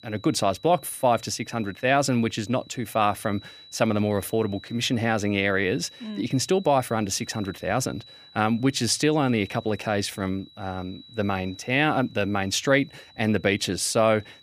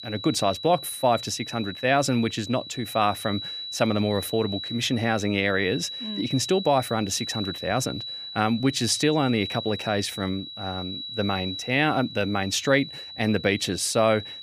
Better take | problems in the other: first | high-pitched whine; loud; throughout; 4 kHz, 9 dB below the speech; faint in the first

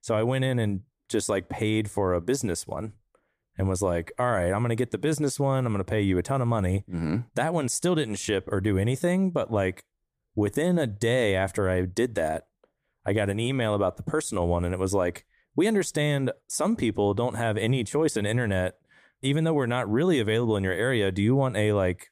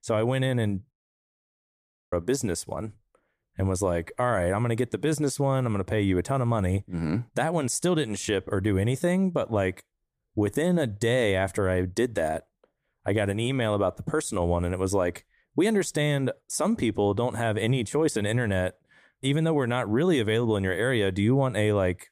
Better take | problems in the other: first | audio cutting out; at 1 s for 1 s

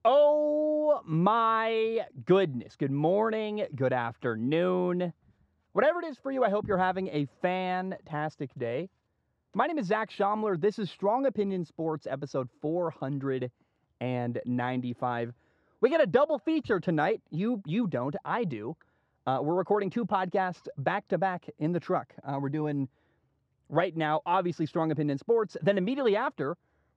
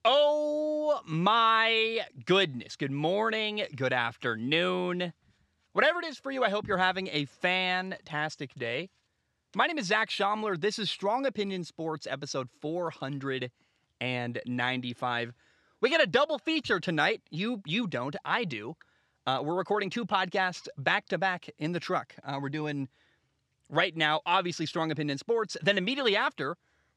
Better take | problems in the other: second | muffled; slightly; fading above 1.5 kHz

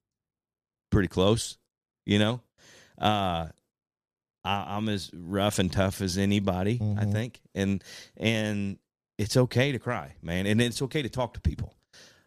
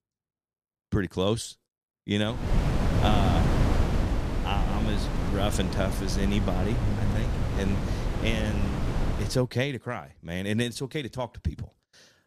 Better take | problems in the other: first | wind noise on the microphone; heavy; from 2.5 to 9.5 s; 2 dB below the speech

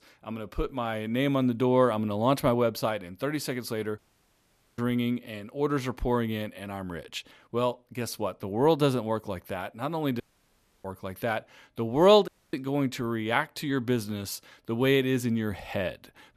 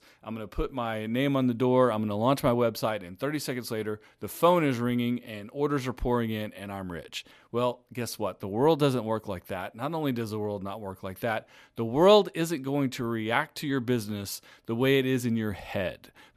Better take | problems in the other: second | audio cutting out; at 4 s for 1 s, at 10 s for 0.5 s and at 12 s

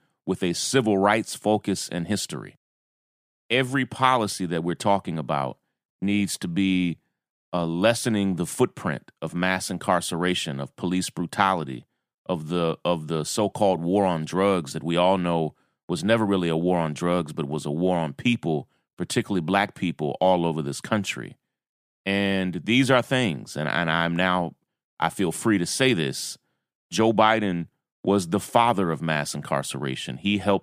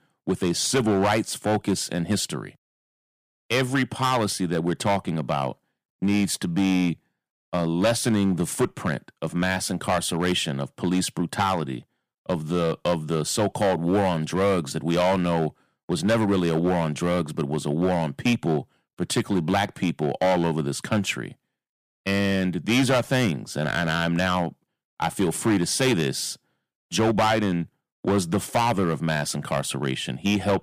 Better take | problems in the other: first | distortion; heavy; 6% of the sound clipped

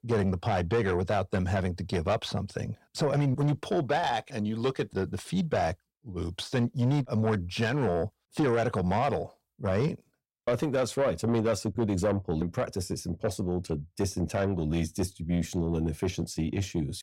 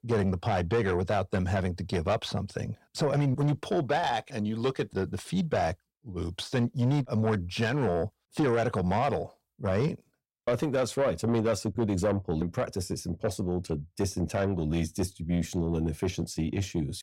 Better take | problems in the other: neither | distortion; slight; 10 dB below the speech; the same in both

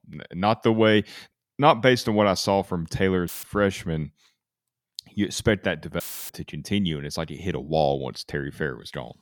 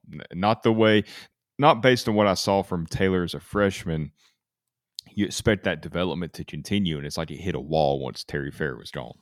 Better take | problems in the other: second | audio cutting out; filled with static; at 3.5 s and at 6 s

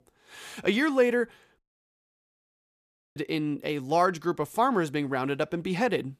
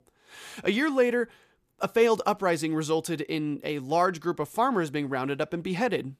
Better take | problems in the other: second | audio cutting out; at 1.5 s for 1.5 s

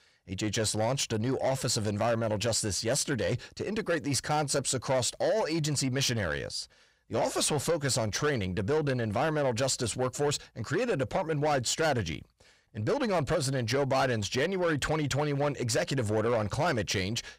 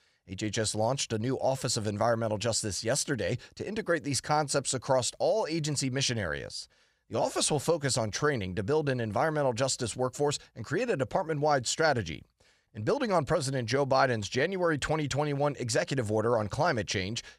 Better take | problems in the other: second | distortion; slight; 10 dB below the speech

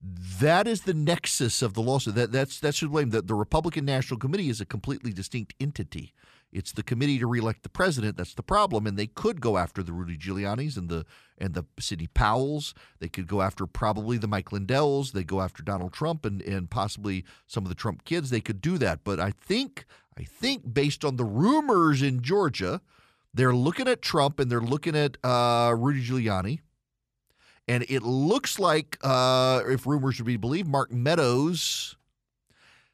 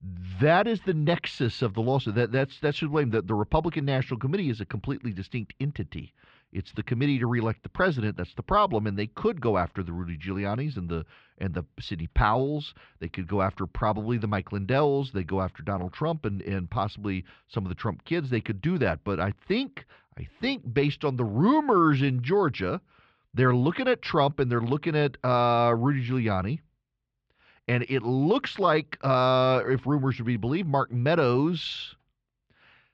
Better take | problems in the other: first | muffled; slightly; fading above 3.5 kHz

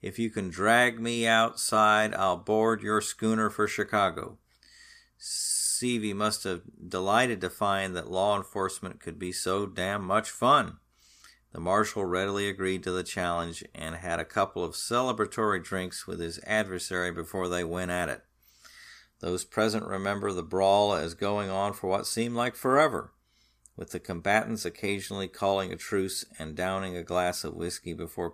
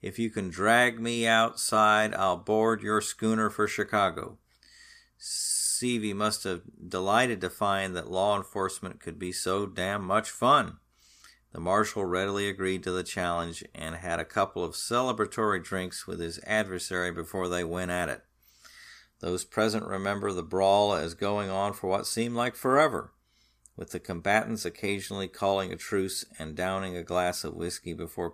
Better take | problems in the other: neither | none

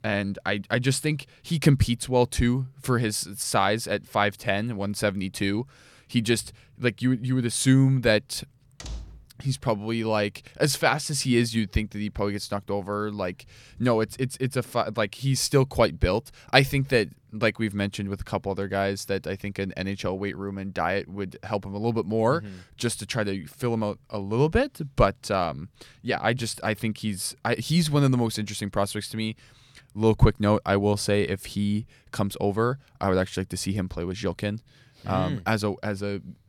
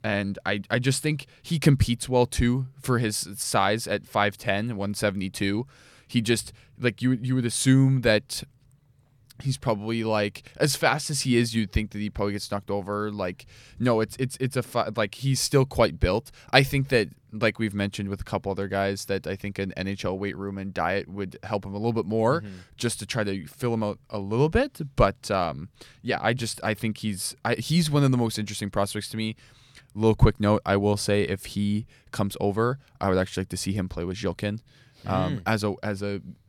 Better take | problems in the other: second | door banging; faint; at 9 s; peak 15 dB below the speech

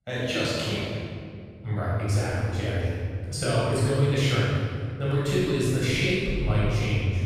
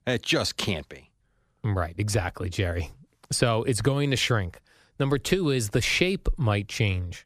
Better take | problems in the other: second | off-mic speech; far // room echo; strong; dies away in 2.1 s

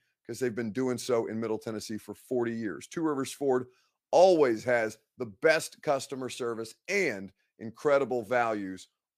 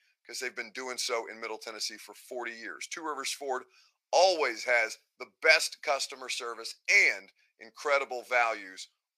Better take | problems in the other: first | thin; very; fading below 800 Hz

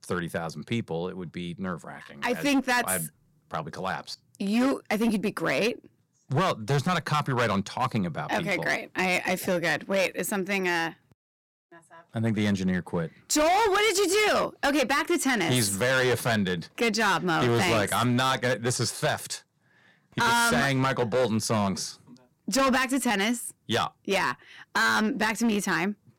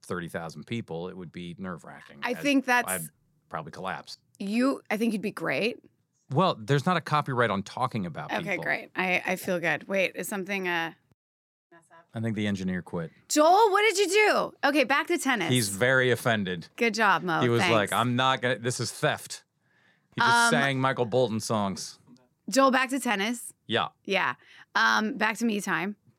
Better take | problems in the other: second | distortion; heavy; 11% of the sound clipped

